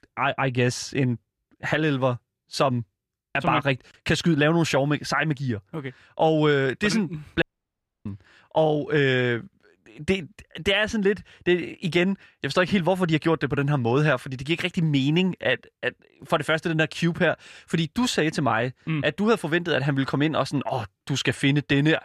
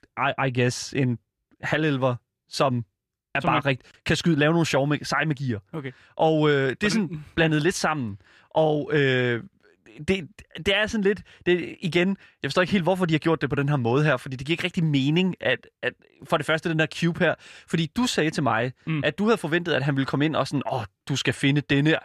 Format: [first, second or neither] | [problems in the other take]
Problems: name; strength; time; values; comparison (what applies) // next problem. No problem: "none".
second | audio cutting out; at 7.5 s for 0.5 s